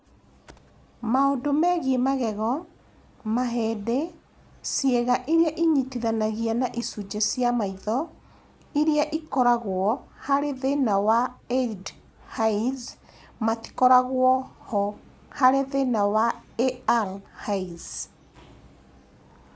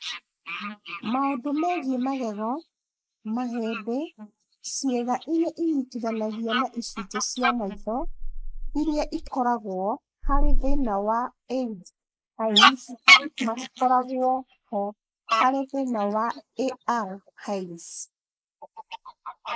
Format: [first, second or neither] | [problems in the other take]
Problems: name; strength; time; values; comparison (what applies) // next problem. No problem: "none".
first | noise reduction (neural mask model Resemble Enhance denoiser)